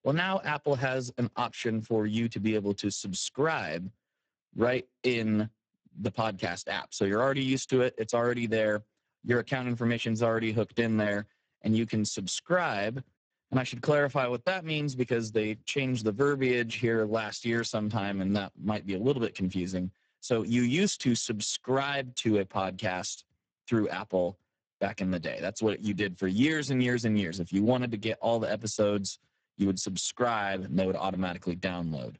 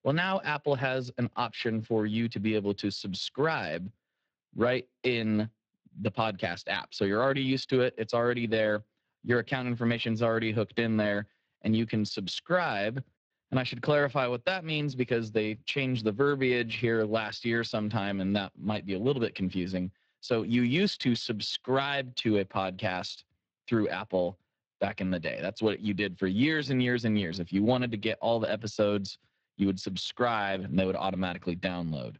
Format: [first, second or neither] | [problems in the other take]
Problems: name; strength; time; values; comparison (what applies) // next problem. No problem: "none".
second | garbled, watery; badly; nothing above 8 kHz; slightly in the second